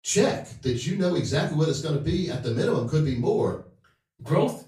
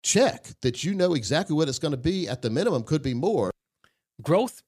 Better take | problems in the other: second | off-mic speech; far // room echo; slight; dies away in 0.3 s

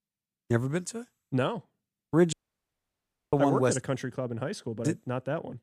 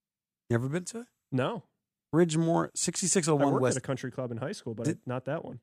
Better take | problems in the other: second | audio cutting out; at 2.5 s for 1 s

